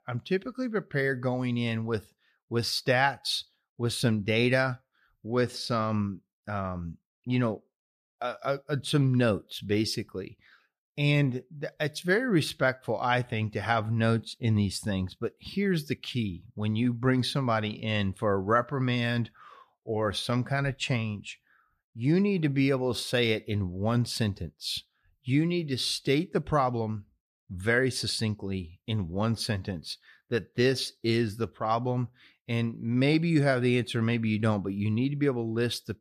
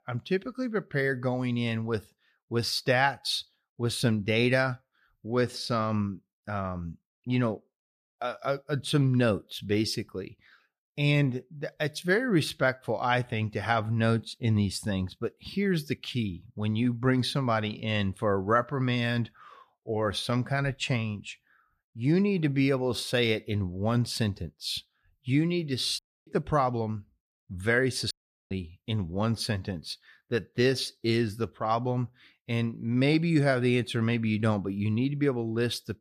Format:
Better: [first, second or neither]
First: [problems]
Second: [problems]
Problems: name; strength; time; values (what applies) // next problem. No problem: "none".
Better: first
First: none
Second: audio cutting out; at 26 s and at 28 s